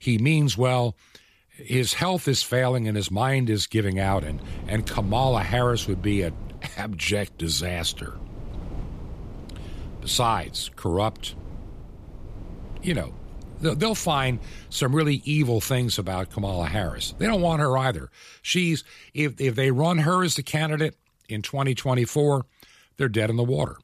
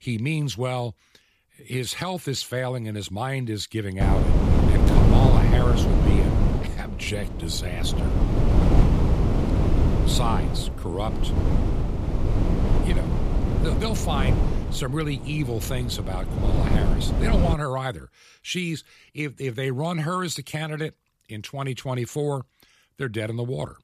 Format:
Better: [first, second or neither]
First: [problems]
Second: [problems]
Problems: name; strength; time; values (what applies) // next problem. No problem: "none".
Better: first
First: wind noise on the microphone; occasional gusts; from 4 to 18 s; 20 dB below the speech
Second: wind noise on the microphone; heavy; from 4 to 18 s; as loud as the speech